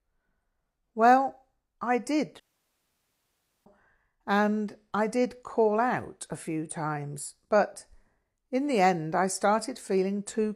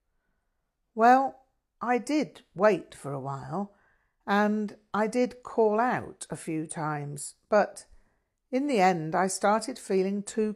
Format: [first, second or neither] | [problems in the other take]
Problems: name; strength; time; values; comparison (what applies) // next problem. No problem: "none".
second | audio cutting out; at 2.5 s for 1.5 s